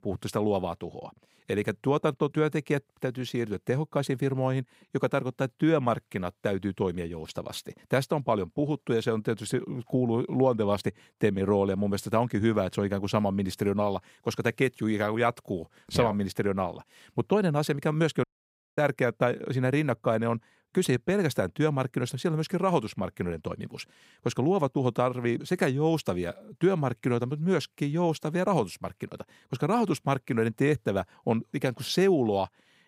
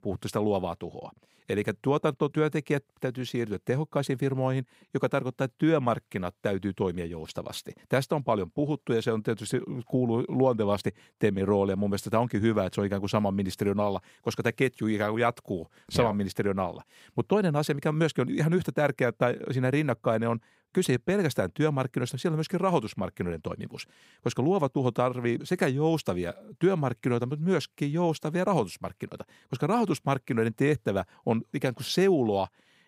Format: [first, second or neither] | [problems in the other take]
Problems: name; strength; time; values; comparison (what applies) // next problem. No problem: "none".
second | audio cutting out; at 18 s for 0.5 s